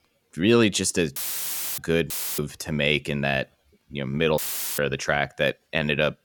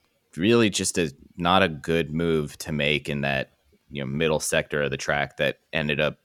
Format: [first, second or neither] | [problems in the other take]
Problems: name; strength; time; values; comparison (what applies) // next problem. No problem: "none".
second | audio cutting out; filled with static; at 1 s for 0.5 s, at 2 s and at 4.5 s